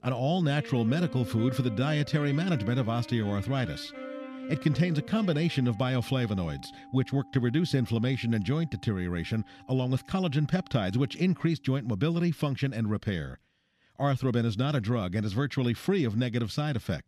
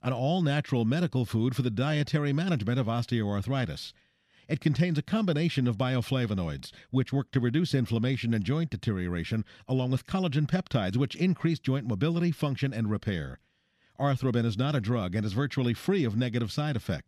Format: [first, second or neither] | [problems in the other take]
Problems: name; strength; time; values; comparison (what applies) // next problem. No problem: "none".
second | background music; noticeable; until 11 s; 15 dB below the speech